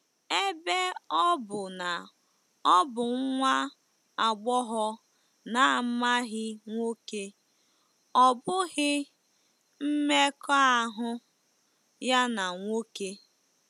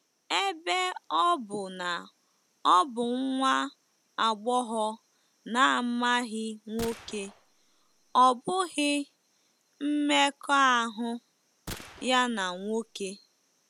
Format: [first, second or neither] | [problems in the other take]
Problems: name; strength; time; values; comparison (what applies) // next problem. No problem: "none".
first | background sound (Gunshot, gunfire); 17 dB below the speech